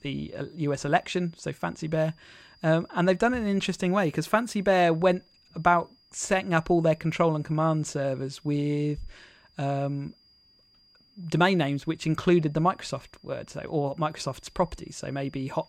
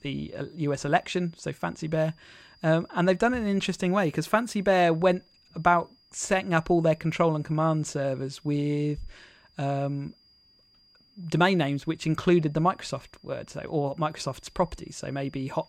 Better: neither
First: high-pitched whine; faint; throughout; 5 kHz, 30 dB below the speech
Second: high-pitched whine; faint; throughout; 5 kHz, 30 dB below the speech

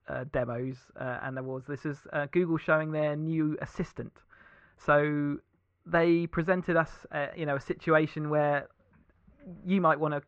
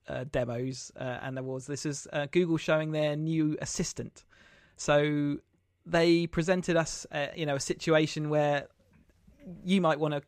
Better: second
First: muffled; very; fading above 2 kHz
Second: none

